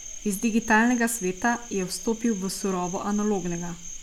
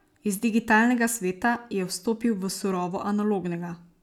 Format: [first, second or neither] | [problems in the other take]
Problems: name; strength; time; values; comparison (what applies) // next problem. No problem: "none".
second | background sound (Cricket); 13 dB below the speech